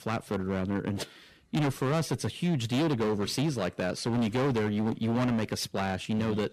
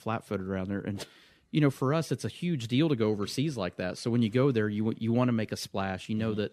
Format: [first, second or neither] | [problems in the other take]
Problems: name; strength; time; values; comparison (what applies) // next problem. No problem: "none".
second | distortion; heavy; 19% of the sound clipped